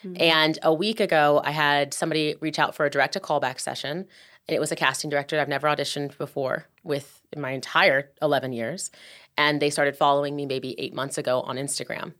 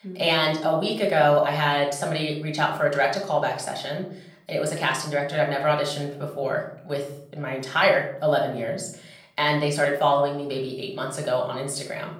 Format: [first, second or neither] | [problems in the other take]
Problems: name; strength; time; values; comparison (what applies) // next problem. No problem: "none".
first | off-mic speech; somewhat distant // room echo; slight; dies away in 0.5 s